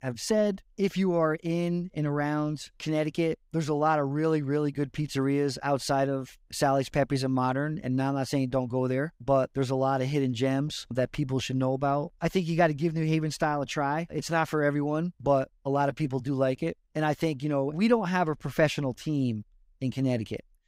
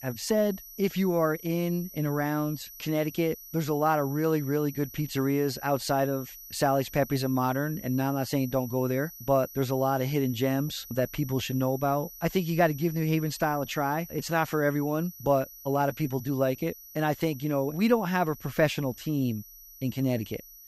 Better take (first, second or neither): first